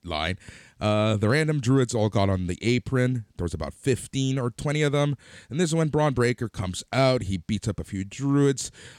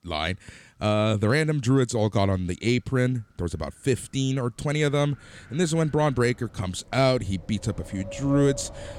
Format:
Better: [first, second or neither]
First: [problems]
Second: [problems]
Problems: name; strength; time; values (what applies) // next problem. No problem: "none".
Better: first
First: none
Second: wind in the background; noticeable; throughout; 15 dB below the speech